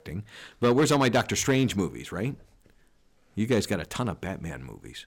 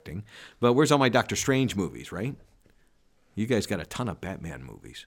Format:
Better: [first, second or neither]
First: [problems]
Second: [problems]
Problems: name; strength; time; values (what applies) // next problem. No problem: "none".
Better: second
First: distortion; slight; 2% of the sound clipped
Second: none